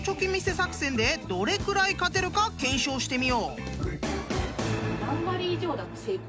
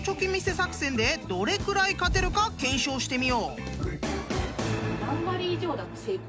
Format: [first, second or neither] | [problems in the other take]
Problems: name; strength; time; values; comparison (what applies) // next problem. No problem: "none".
first | background sound (Fireworks); 10 dB below the speech